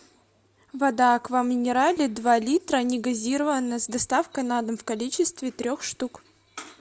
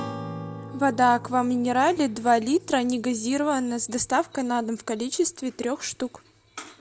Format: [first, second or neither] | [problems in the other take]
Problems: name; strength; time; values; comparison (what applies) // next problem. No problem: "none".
first | background sound (Acoustic guitar / Strum); 16 dB below the speech